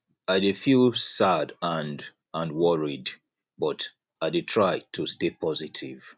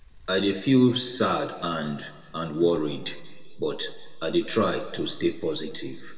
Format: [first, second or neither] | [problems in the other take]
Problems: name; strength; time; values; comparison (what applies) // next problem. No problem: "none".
first | background sound (Mechanisms / Bicycle); 13 dB below the speech // room echo; dies away in 1.4 s